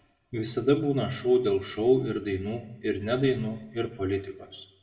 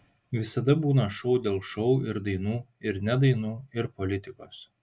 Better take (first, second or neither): second